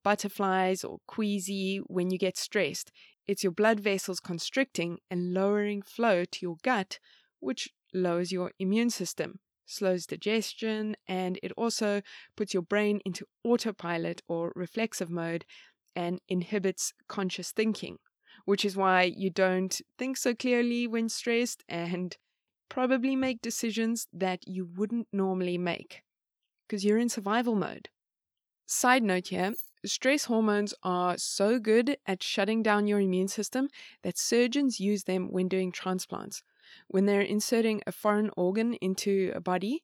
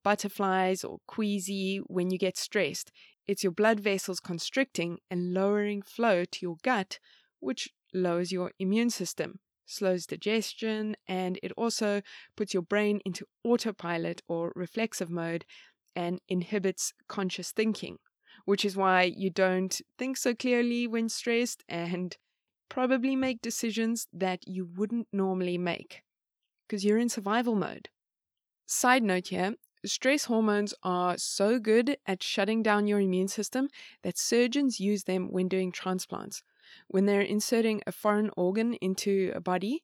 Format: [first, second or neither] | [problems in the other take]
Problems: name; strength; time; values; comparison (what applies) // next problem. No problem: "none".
second | jangling keys; noticeable; at 30 s; peak 10 dB below the speech